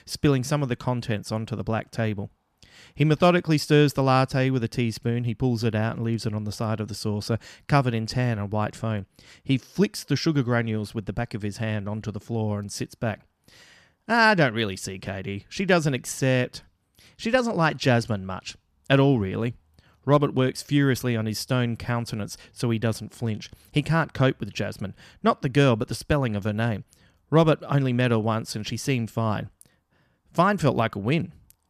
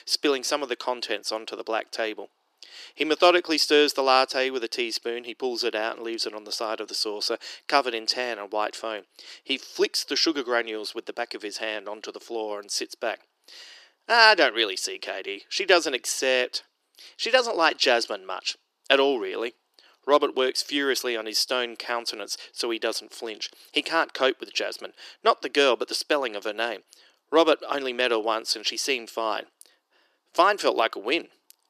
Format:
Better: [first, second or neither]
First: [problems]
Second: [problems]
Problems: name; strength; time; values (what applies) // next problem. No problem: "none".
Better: first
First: none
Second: thin; very; fading below 350 Hz